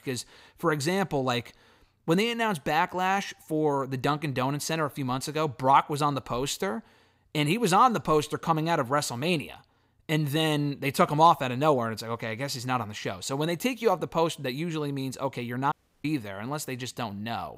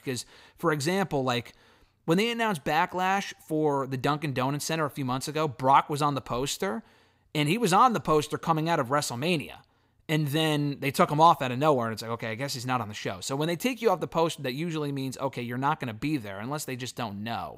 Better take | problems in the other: second | audio cutting out; at 16 s

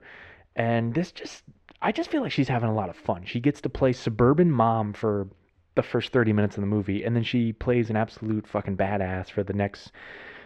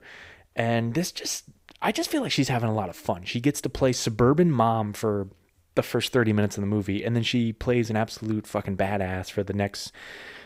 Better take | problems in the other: second | muffled; slightly; fading above 2.5 kHz

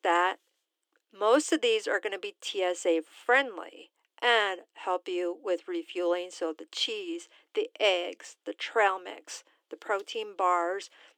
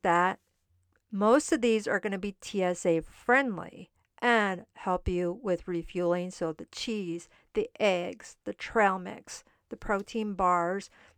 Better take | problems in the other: second | thin; somewhat; fading below 300 Hz

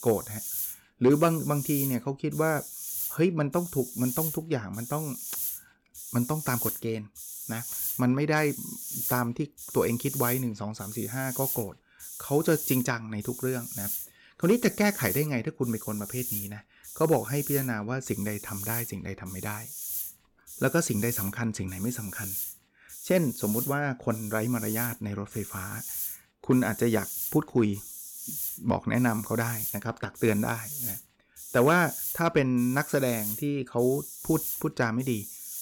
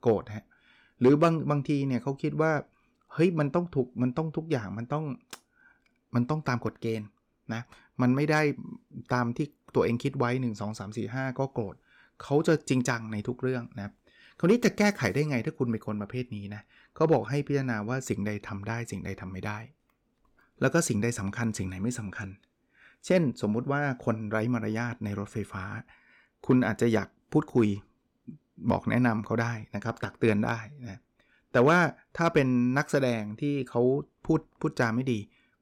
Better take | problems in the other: second | hiss; loud; throughout; 6 dB below the speech

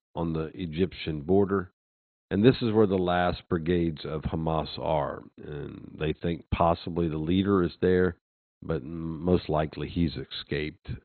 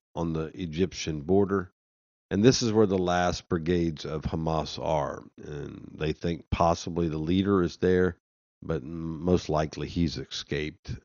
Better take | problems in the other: second | garbled, watery; badly; nothing above 4 kHz; slightly in the second

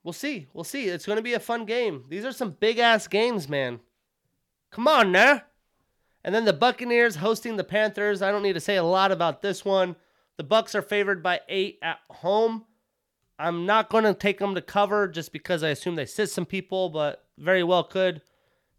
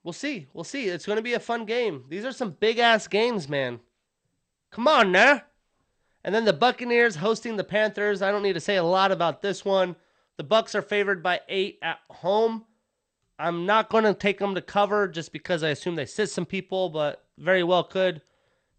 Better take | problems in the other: first | garbled, watery; slightly; nothing above 8.5 kHz

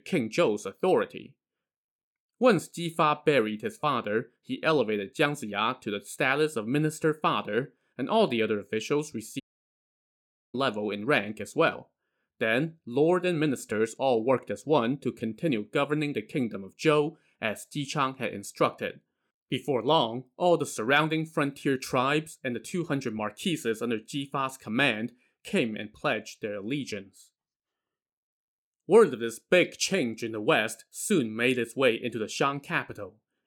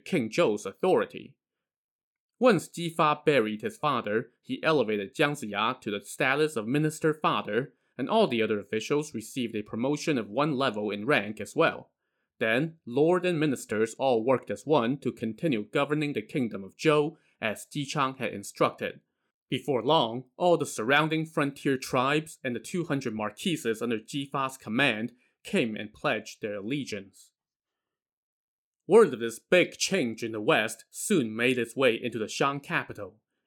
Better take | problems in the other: second | audio cutting out; at 9.5 s for 1 s

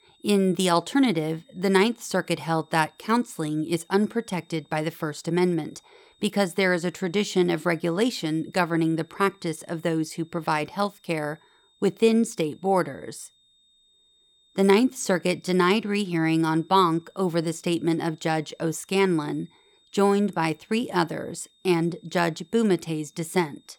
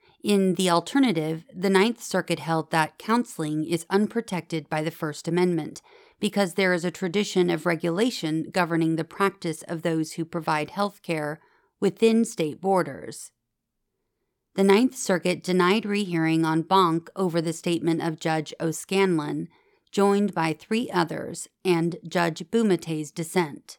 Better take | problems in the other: second | high-pitched whine; faint; throughout; 3.5 kHz, 35 dB below the speech

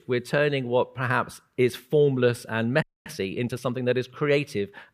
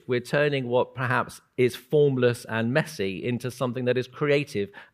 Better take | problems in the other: second | audio freezing; at 3 s

